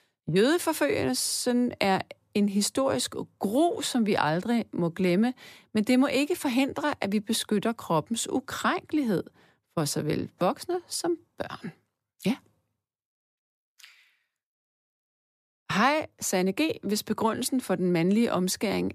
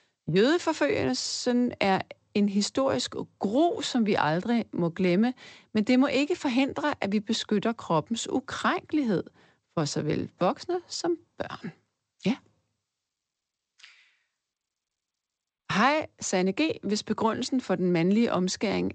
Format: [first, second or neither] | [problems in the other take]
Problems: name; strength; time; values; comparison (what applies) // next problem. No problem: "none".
first | garbled, watery; slightly; nothing above 8 kHz